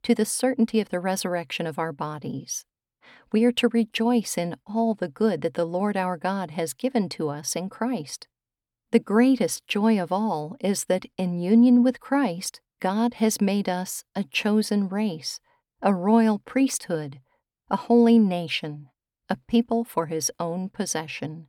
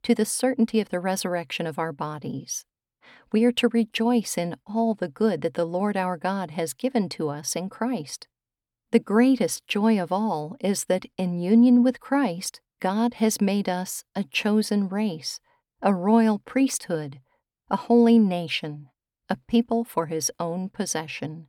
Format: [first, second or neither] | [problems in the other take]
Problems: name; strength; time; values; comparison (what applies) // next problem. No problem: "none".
neither | none